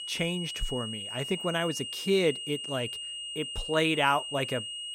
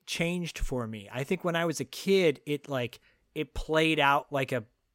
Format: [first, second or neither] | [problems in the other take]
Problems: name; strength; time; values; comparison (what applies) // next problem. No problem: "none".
second | high-pitched whine; loud; throughout; 3 kHz, 5 dB below the speech